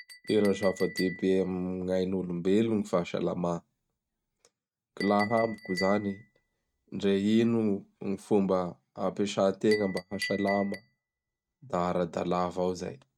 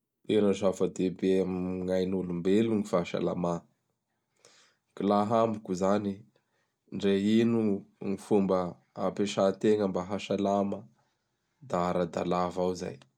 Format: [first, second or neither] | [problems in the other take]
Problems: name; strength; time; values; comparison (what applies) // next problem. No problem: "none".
second | noise reduction (neural mask model RNNoise)